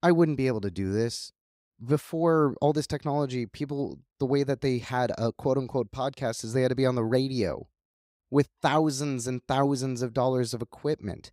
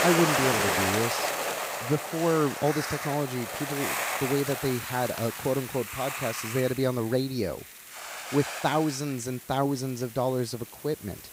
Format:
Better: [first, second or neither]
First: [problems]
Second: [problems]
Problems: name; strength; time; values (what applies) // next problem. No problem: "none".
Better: first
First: none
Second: hiss; loud; throughout; 1 dB below the speech